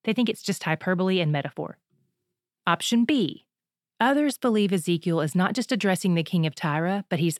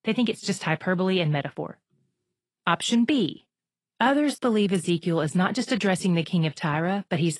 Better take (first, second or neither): first